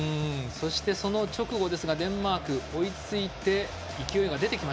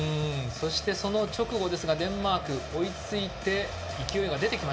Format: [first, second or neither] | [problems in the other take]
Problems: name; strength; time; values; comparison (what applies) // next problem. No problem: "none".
first | room echo; dies away in 0.4 s